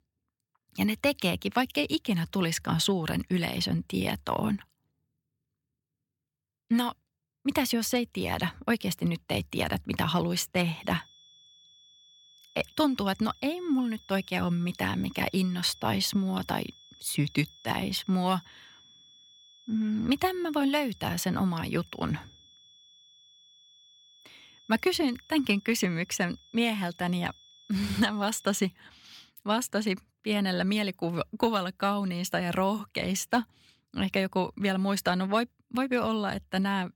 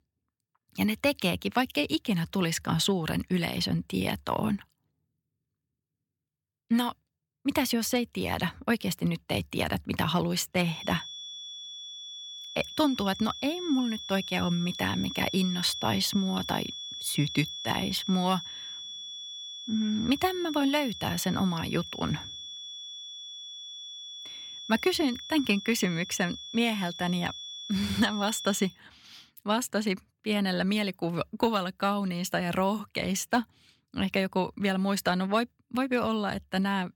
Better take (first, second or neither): first